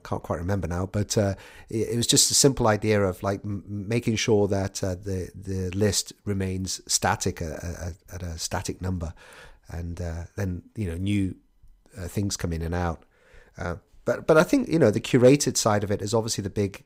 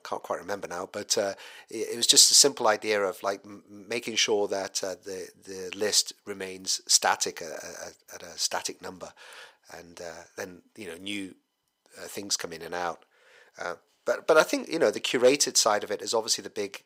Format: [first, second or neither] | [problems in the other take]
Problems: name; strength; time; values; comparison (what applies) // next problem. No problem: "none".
first | thin; somewhat; fading below 500 Hz